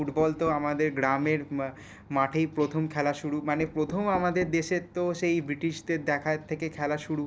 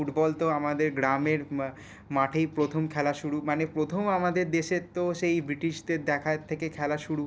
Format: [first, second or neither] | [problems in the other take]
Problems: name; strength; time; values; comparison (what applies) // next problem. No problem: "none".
second | background sound (Knock); 20 dB below the speech